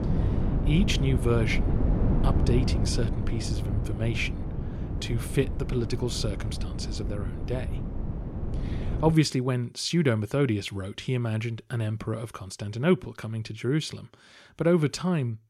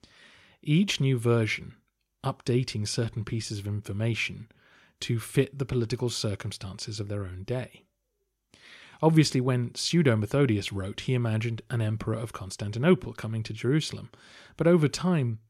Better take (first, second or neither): second